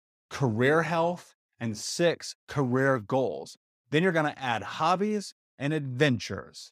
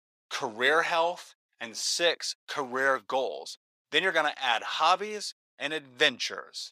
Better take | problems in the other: first | thin; very; fading below 600 Hz

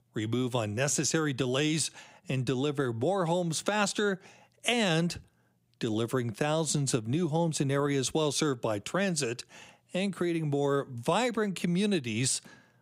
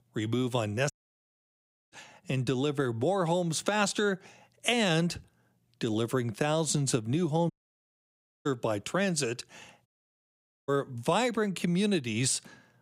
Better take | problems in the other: first | audio cutting out; at 1 s for 1 s, at 7.5 s for 1 s and at 10 s for 1 s

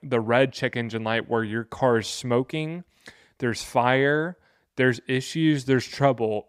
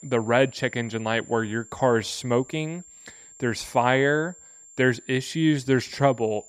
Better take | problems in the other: first | high-pitched whine; faint; throughout; 7.5 kHz, 20 dB below the speech

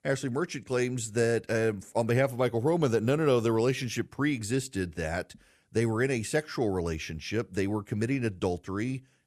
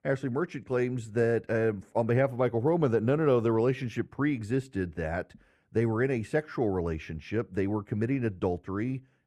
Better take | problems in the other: first | muffled; slightly; fading above 3 kHz

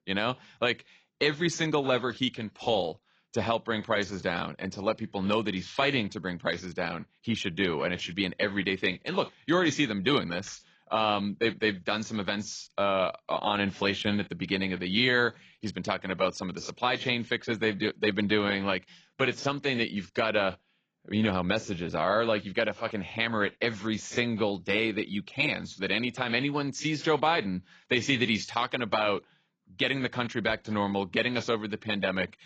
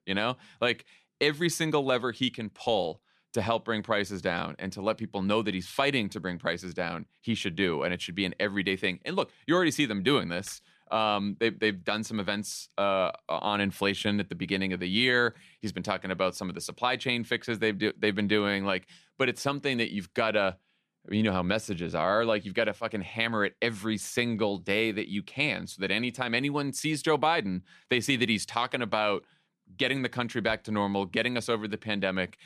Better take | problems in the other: second | garbled, watery; badly

